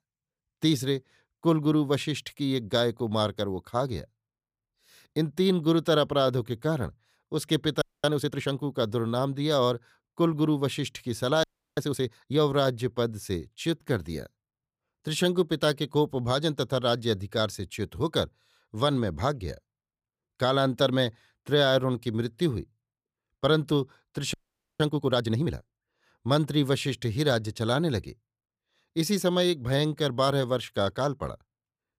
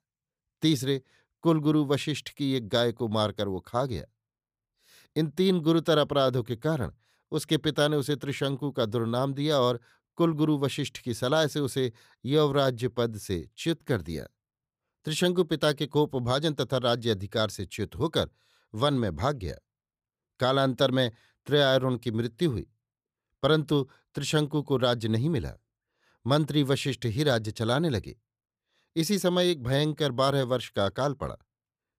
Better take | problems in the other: second | audio freezing; at 8 s, at 11 s and at 24 s

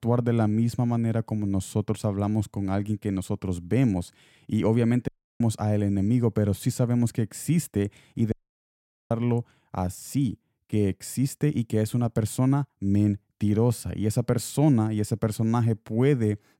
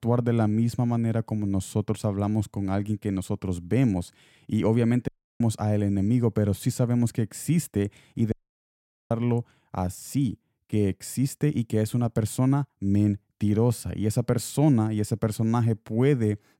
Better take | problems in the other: neither | audio cutting out; at 5 s and at 8.5 s for 1 s; the same in both

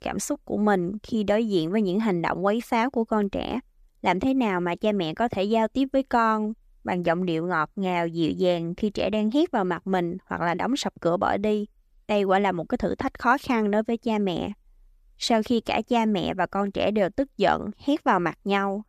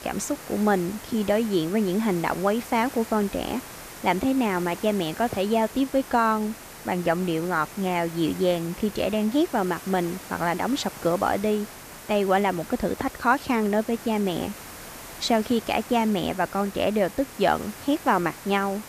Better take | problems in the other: first | hiss; noticeable; throughout; 15 dB below the speech

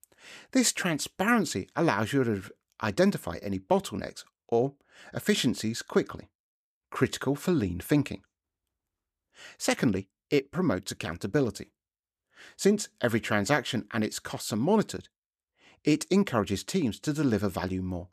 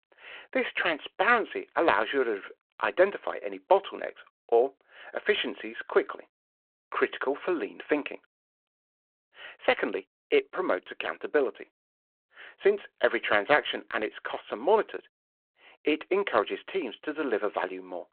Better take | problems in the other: first | phone-call audio

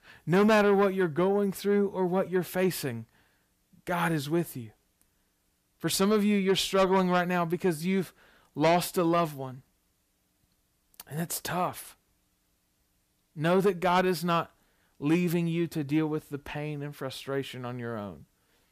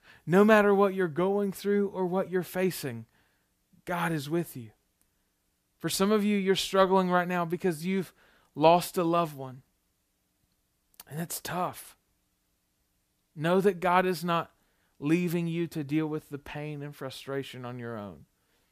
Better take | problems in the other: second | distortion; slight; 10 dB below the speech

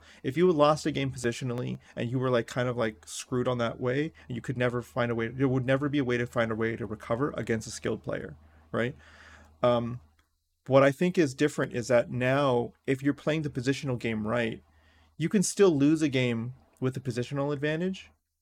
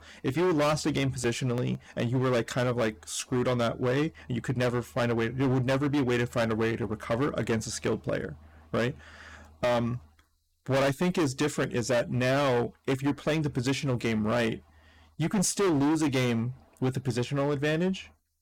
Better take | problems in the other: first | distortion; heavy; 16% of the sound clipped

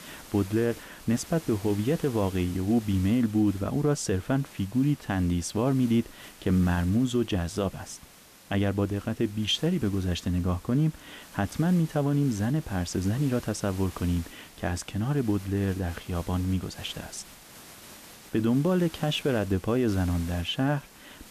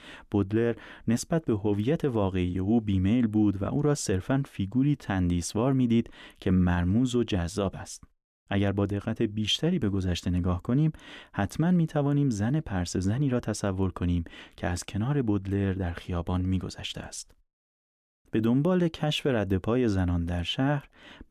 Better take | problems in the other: second | hiss; noticeable; throughout; 20 dB below the speech

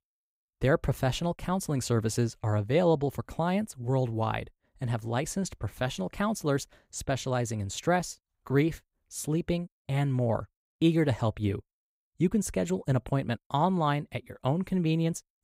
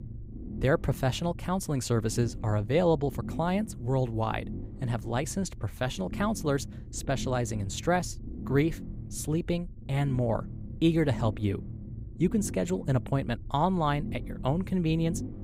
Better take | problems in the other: first | low rumble; noticeable; throughout; 15 dB below the speech

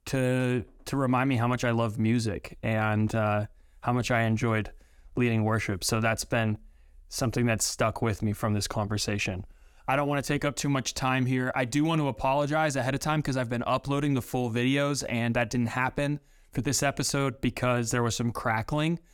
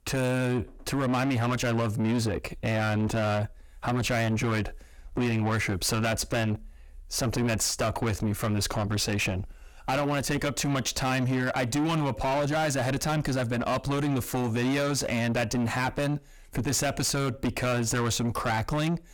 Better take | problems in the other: first | distortion; heavy; 8 dB below the speech

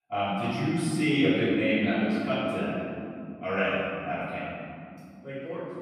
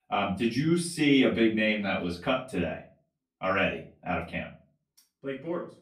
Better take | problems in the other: second | room echo; strong; dies away in 3 s; slight in the second // off-mic speech; far; far in the second

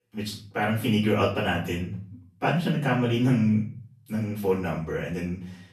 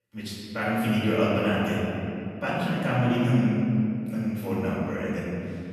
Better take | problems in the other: first | room echo; strong; dies away in 2.5 s; slight in the first // off-mic speech; far; far in the first

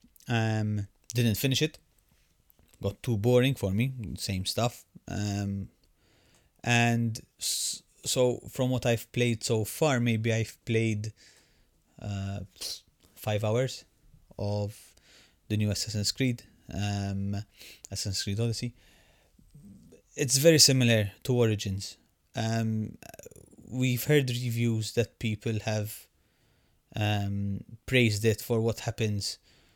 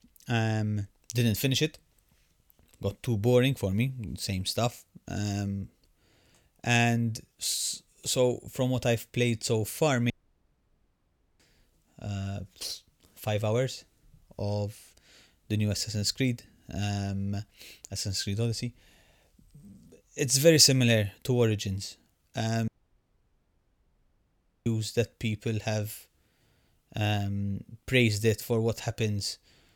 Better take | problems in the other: first | audio cutting out; at 10 s for 1.5 s and at 23 s for 2 s

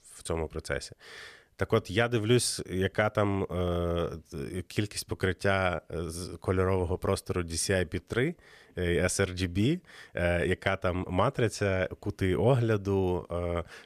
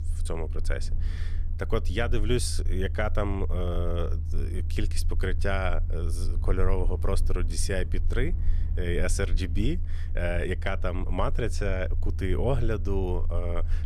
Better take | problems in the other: first | low rumble; noticeable; throughout; 15 dB below the speech

